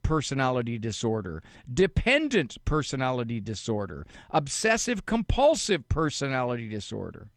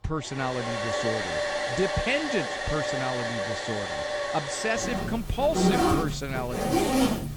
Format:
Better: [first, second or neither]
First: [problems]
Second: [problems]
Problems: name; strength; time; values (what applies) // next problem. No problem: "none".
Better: first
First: none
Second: household noises; very loud; throughout; 3 dB above the speech